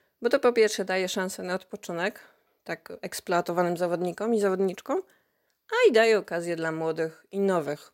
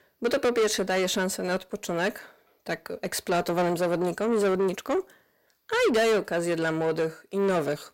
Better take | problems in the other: first | distortion; heavy; 8 dB below the speech

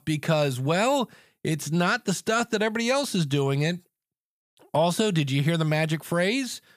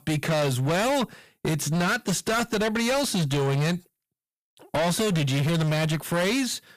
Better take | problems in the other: first | distortion; heavy; 29% of the sound clipped

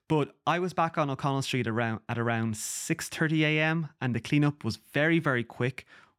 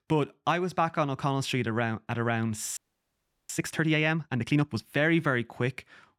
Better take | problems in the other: first | audio freezing; at 3 s for 0.5 s

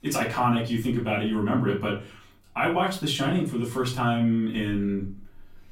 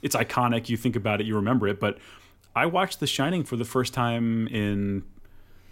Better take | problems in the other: second | room echo; slight; dies away in 0.3 s // off-mic speech; far

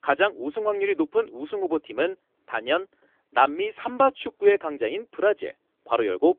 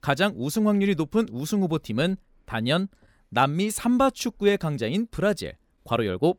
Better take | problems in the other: second | phone-call audio; nothing above 3.5 kHz

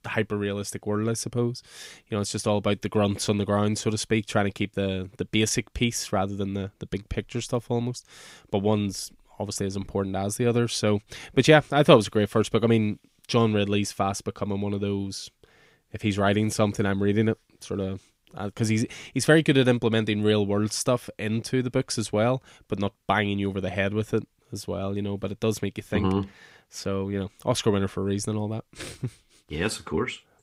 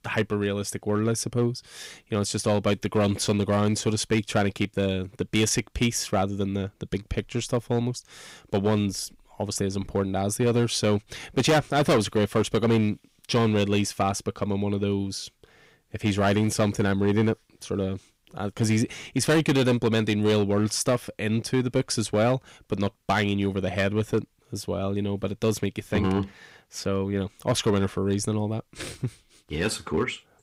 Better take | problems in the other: first | distortion; slight; 4% of the sound clipped

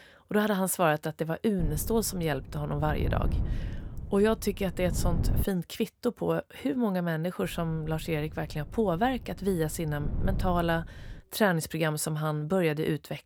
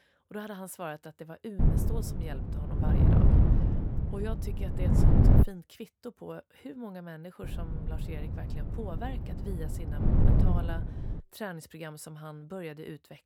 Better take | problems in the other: first | wind noise on the microphone; heavy; from 1.5 to 5.5 s and from 7.5 to 11 s; 4 dB above the speech; occasional gusts in the first

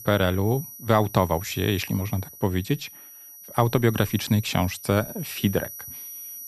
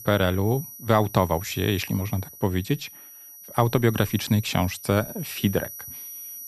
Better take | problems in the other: neither | high-pitched whine; noticeable; throughout; 12 kHz, 15 dB below the speech; the same in both

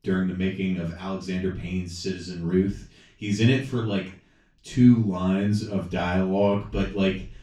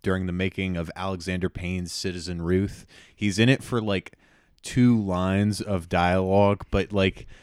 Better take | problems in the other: second | room echo; noticeable; dies away in 0.3 s // off-mic speech; far

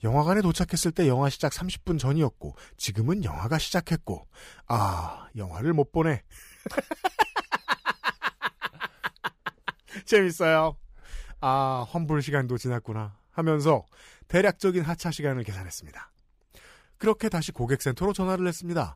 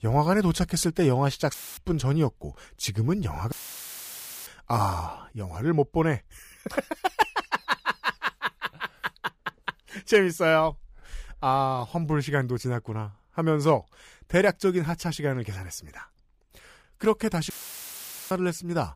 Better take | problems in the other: first | audio cutting out; filled with static; at 1.5 s, at 3.5 s for 1 s and at 18 s for 1 s

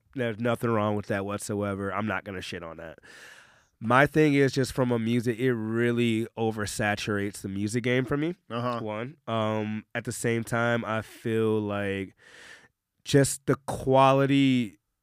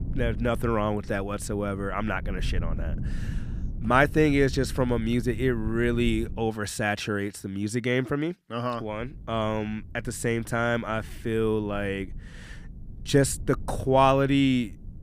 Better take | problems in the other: first | low rumble; faint; until 6.5 s and from 9 s on; 25 dB below the speech

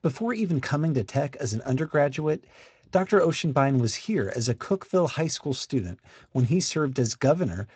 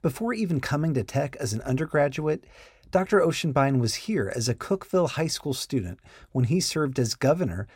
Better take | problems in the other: second | garbled, watery; slightly; nothing above 7.5 kHz

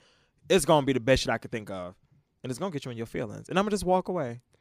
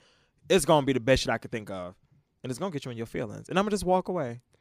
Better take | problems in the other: neither | none

